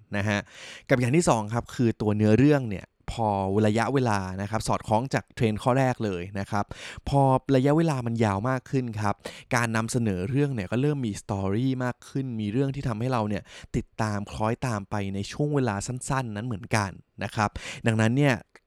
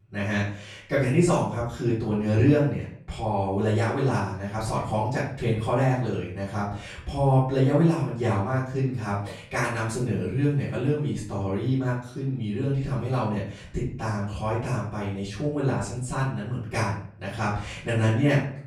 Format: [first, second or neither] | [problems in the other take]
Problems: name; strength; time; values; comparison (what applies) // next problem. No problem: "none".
first | off-mic speech; far // room echo; noticeable; dies away in 0.5 s